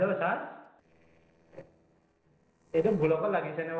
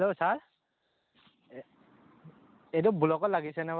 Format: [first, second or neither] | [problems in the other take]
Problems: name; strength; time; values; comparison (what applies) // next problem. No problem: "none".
second | noise reduction (neural separator model SepFormer DNS4)